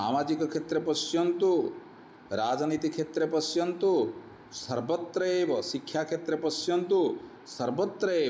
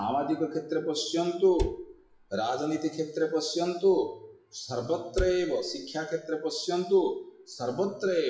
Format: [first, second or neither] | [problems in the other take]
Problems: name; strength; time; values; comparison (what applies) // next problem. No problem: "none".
first | noise reduction (classical method WPE with log-MMSE)